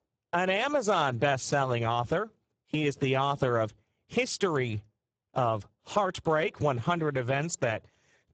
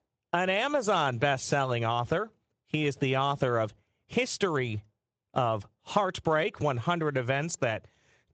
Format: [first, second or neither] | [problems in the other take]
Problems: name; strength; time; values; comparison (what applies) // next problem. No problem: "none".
second | garbled, watery; badly; nothing above 7.5 kHz; slightly in the second